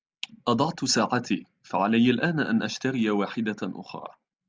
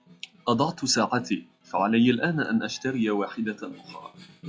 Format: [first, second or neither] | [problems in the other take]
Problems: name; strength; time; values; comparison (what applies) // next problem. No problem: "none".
first | noise reduction (classical method log-MMSE)